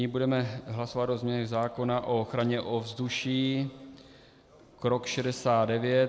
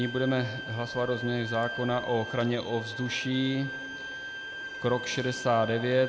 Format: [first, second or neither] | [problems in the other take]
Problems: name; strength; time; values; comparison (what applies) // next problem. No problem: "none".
first | background sound (Bowed string instrument); 9 dB below the speech